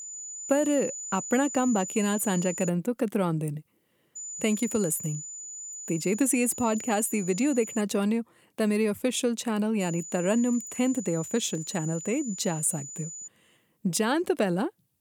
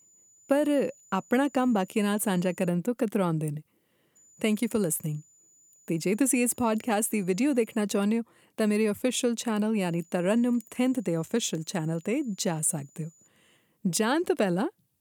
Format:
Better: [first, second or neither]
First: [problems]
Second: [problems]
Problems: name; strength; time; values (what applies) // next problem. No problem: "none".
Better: second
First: high-pitched whine; loud; until 2.5 s, from 4 to 8 s and from 10 to 13 s; 7 kHz, 9 dB below the speech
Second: high-pitched whine; faint; until 2.5 s, from 4 to 8 s and from 10 to 13 s; 7 kHz, 30 dB below the speech